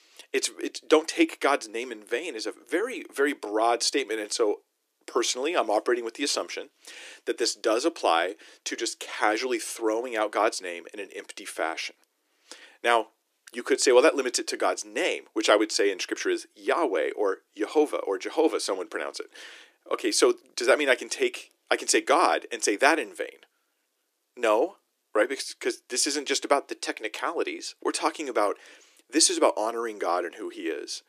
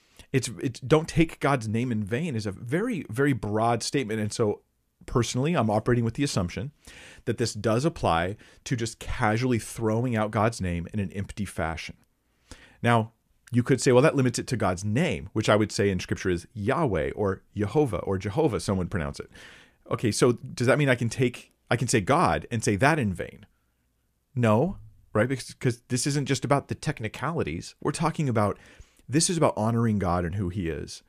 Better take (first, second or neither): second